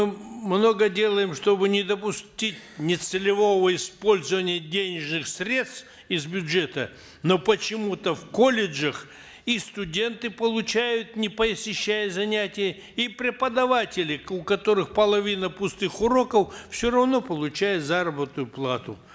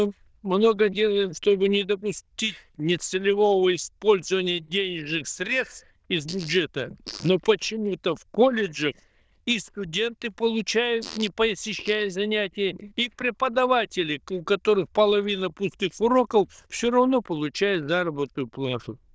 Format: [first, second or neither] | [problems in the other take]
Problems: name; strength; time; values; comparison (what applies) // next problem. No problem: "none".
first | noise reduction (neural diffusion model UNIVERSE++)